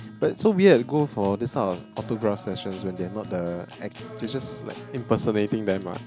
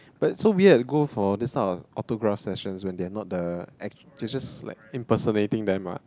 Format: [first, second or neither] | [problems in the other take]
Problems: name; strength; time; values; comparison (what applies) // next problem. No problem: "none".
second | background sound (Acoustic guitar); 16 dB below the speech